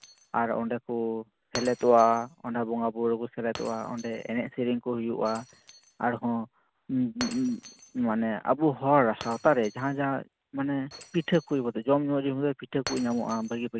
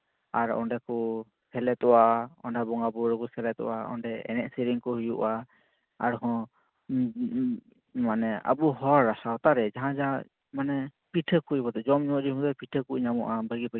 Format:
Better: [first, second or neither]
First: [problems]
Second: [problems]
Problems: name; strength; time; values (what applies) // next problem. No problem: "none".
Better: second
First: background sound (Shatter); 19 dB below the speech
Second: none